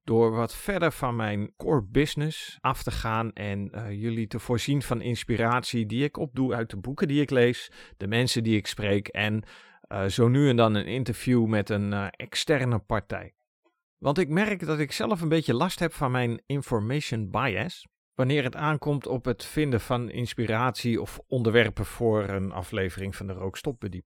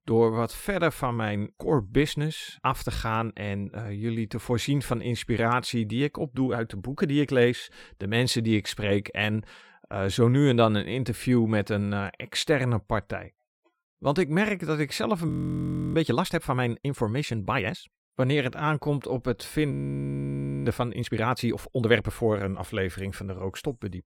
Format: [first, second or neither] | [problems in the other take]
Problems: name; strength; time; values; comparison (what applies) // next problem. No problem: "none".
first | audio freezing; at 15 s for 0.5 s and at 20 s for 1 s